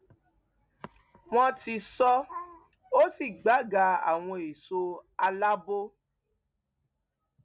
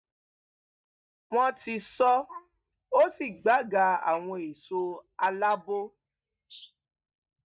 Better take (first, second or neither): first